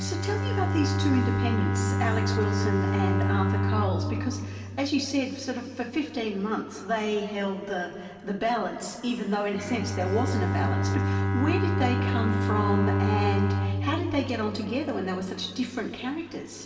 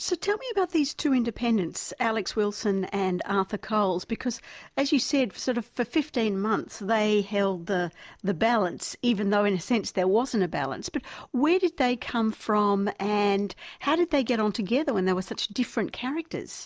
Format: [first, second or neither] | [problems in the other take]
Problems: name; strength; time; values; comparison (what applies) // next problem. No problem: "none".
second | background sound (Bowed string instrument); 1 dB above the speech // room echo; dies away in 2.5 s